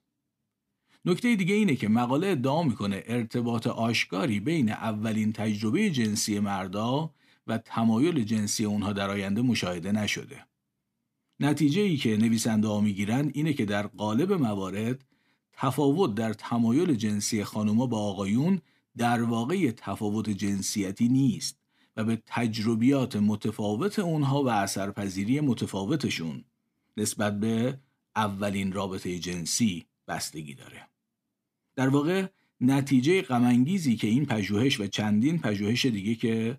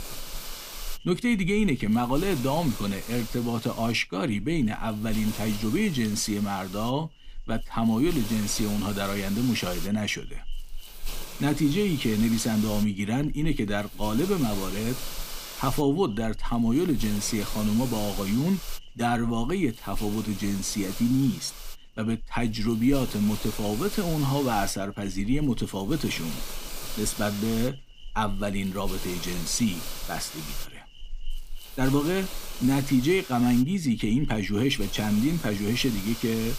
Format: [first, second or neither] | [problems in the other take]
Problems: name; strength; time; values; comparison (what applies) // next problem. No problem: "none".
first | hiss; noticeable; throughout; 10 dB below the speech